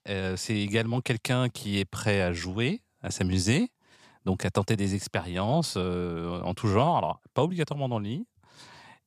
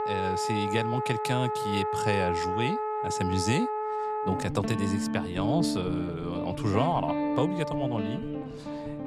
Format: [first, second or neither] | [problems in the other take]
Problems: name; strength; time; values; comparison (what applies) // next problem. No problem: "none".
first | background music; loud; throughout; as loud as the speech